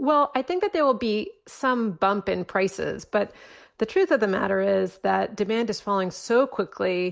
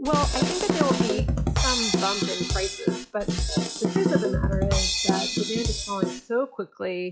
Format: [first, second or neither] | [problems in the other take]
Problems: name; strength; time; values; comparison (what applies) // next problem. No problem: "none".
first | noise reduction (classical method log-MMSE)